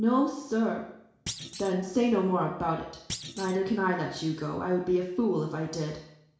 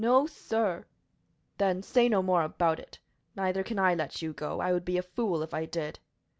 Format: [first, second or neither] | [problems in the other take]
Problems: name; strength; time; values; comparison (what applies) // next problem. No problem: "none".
second | background sound (Thump, thud); 14 dB below the speech // room echo; dies away in 0.7 s